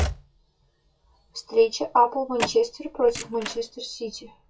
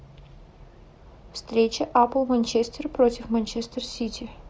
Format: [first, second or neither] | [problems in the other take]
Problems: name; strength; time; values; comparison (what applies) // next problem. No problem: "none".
second | noise reduction (classical method WPE with log-MMSE)